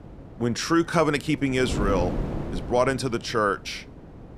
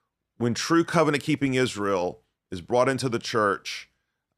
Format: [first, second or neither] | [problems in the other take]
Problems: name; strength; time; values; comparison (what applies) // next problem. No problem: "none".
second | wind noise on the microphone; occasional gusts; 15 dB below the speech